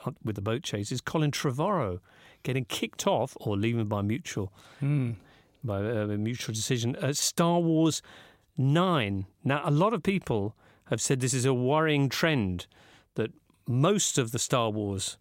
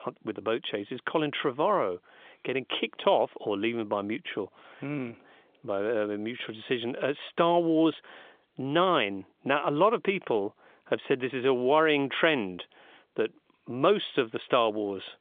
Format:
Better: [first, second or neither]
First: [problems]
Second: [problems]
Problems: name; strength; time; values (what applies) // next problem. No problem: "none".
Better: first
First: none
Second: phone-call audio; nothing above 3.5 kHz